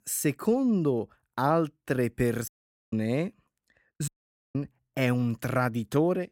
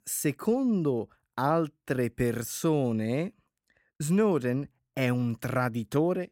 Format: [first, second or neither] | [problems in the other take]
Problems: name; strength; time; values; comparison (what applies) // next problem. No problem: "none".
second | audio cutting out; at 2.5 s and at 4 s